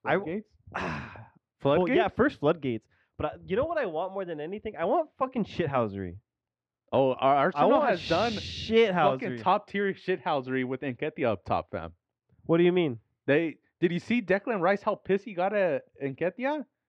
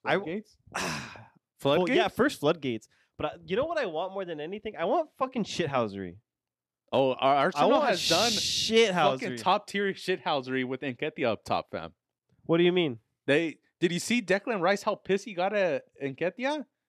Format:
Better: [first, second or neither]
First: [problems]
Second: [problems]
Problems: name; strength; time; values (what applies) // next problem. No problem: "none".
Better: second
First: muffled; slightly; fading above 2 kHz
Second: none